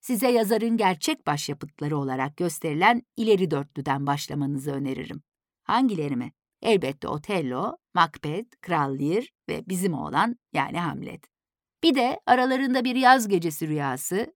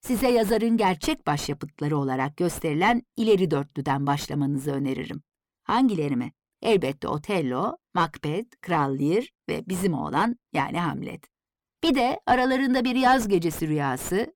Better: first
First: none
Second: distortion; slight; 9 dB below the speech

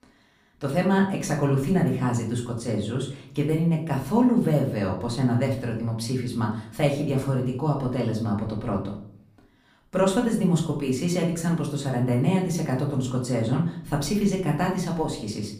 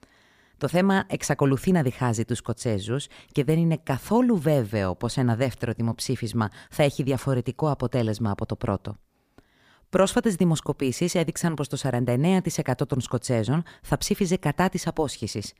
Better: second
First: room echo; slight; dies away in 0.5 s // off-mic speech; far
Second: none

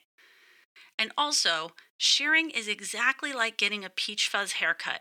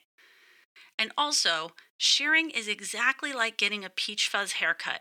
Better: neither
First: thin; somewhat; fading below 400 Hz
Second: thin; somewhat; fading below 400 Hz

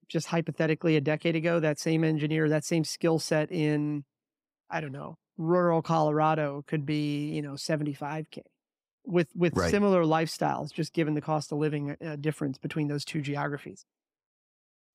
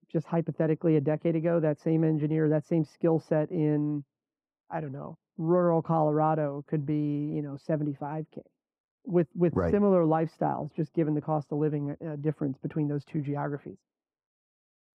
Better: first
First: none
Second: muffled; very; fading above 2 kHz

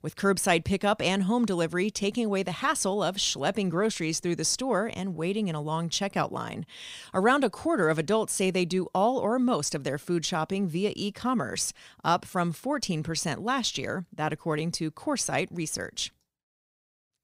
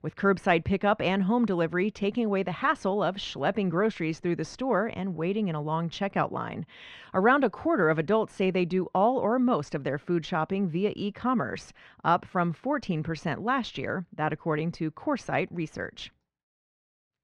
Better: first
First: none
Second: muffled; very; fading above 2 kHz

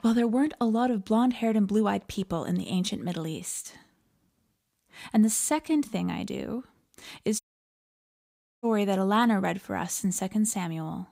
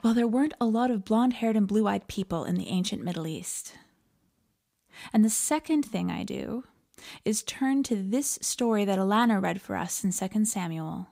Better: second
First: audio cutting out; at 7.5 s for 1 s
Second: none

